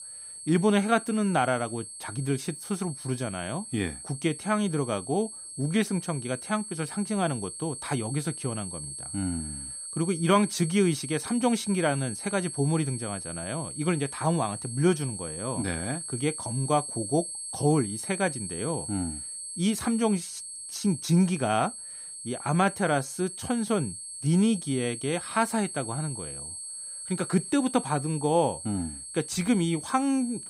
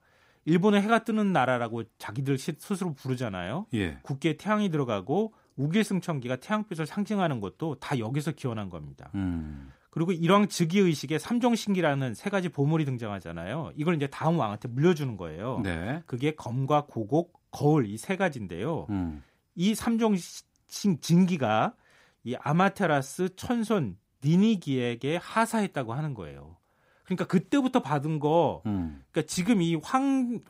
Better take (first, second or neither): second